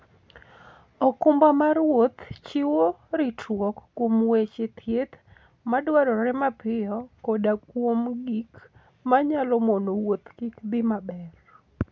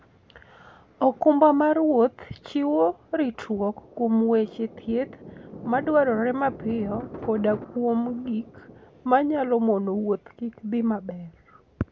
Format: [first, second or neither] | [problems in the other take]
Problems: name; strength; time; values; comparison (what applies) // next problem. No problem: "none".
first | background sound (Thunder); 19 dB below the speech